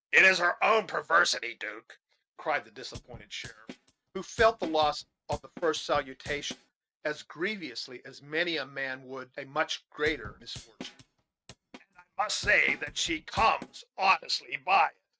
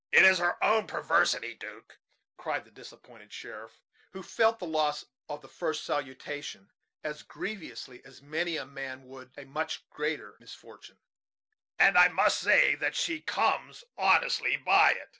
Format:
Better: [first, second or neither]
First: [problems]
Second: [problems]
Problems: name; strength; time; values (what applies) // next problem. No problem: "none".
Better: second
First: noise reduction (neural mask model RNNoise)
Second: none